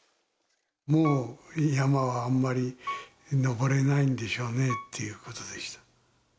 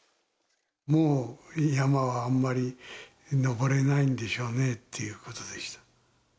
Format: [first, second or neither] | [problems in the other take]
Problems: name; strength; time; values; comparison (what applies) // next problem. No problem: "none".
second | background sound (Piano); 15 dB below the speech